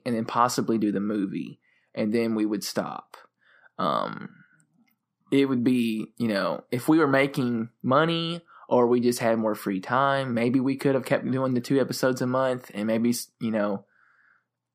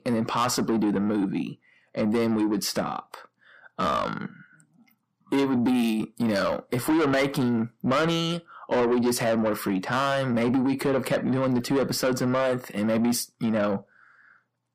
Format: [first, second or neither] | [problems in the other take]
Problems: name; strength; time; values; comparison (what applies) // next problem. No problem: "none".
first | distortion; heavy; 8 dB below the speech